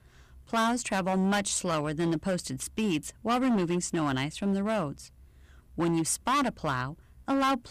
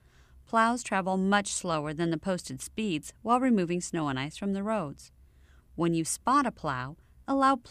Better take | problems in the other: second | distortion; heavy; 12% of the sound clipped

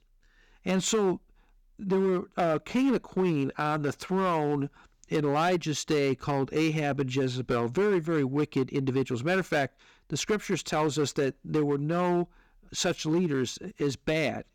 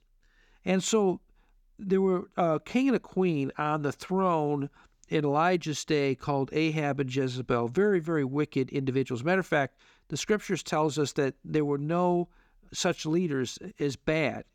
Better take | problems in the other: second | distortion; slight; 8% of the sound clipped

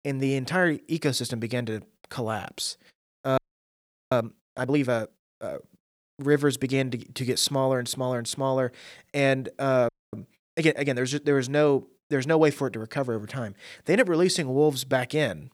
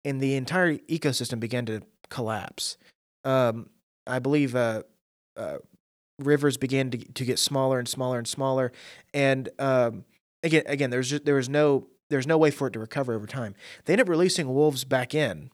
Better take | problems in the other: second | audio freezing; at 3.5 s for 0.5 s and at 10 s

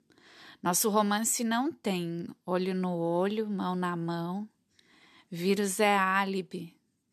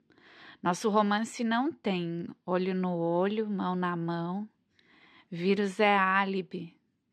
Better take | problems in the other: first | muffled; slightly; fading above 3 kHz

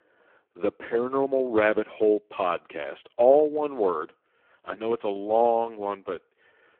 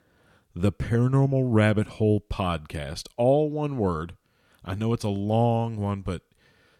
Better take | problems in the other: second | phone-call audio; poor line

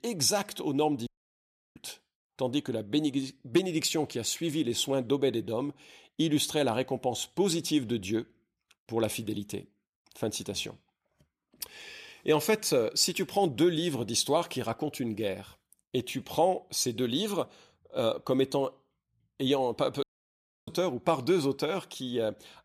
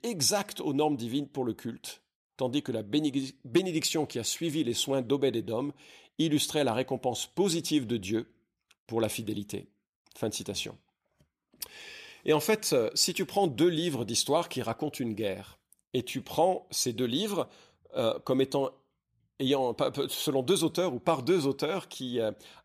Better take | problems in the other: second | audio cutting out; at 1 s for 0.5 s and at 20 s for 0.5 s

